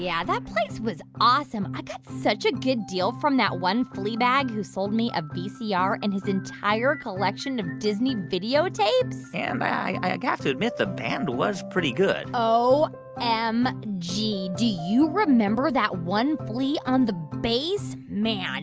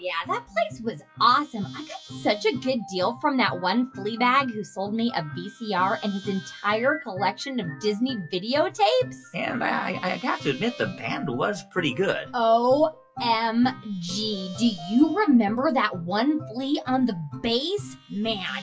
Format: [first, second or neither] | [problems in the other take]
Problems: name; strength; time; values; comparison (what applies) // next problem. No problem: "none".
first | noise reduction (classical method WPE with log-MMSE)